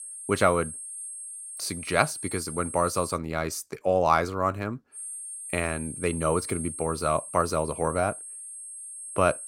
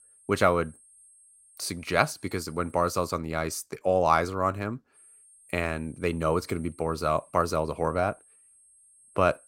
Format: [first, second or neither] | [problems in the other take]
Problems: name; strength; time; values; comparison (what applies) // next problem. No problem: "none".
second | high-pitched whine; loud; until 3 s and from 5 s on; 8.5 kHz, 9 dB below the speech; faint in the second